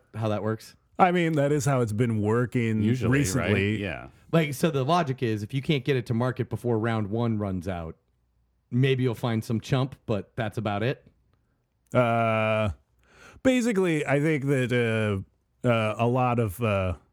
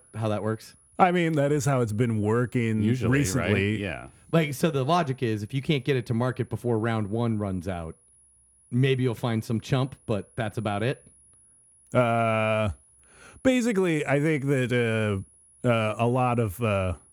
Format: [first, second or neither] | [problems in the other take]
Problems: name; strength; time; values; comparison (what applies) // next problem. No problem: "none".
first | high-pitched whine; faint; throughout; 10.5 kHz, 30 dB below the speech